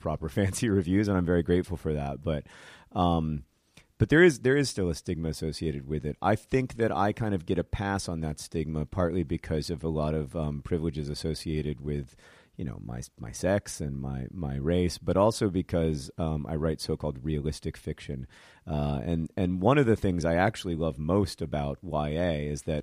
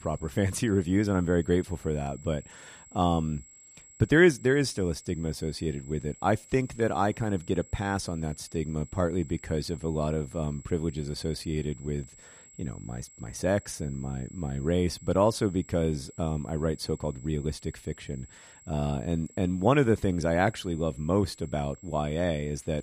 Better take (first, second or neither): first